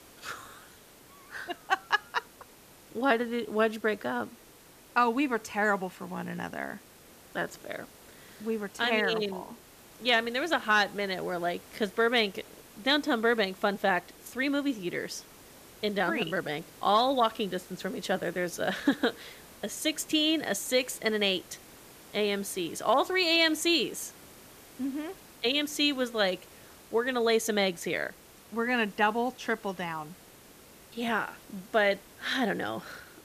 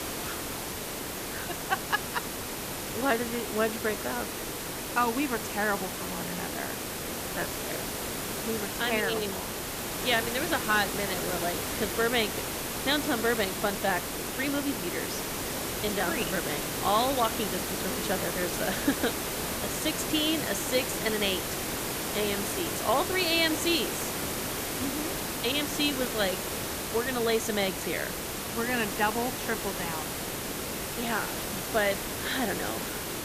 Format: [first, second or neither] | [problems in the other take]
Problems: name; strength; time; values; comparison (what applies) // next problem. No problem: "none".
first | hiss; loud; throughout; 2 dB below the speech; faint in the first